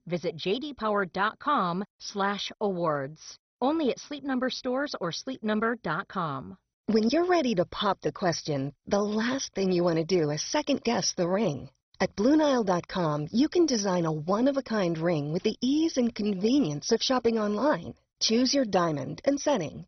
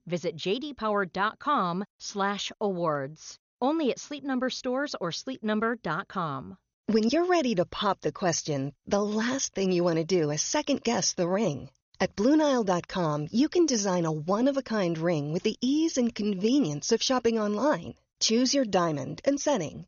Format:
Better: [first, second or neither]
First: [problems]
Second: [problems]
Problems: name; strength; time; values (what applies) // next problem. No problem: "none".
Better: second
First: garbled, watery; badly; nothing above 6 kHz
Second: garbled, watery; slightly; nothing above 6.5 kHz